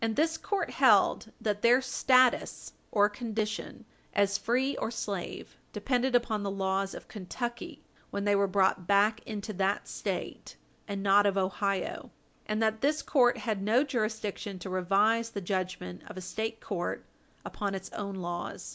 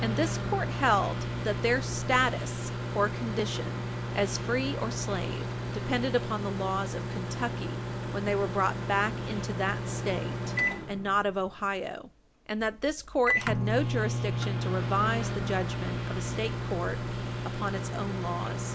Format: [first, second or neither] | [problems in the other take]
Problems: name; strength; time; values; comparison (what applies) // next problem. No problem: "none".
first | background sound (Microwave oven); 1 dB below the speech